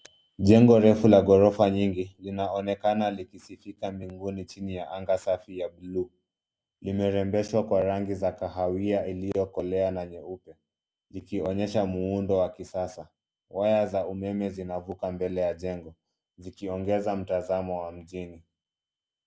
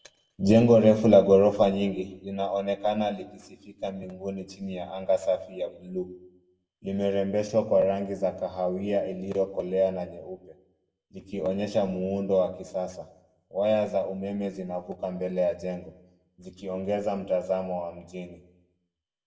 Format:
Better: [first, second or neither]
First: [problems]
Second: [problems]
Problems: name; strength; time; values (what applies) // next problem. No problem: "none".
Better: first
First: none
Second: room echo; dies away in 0.7 s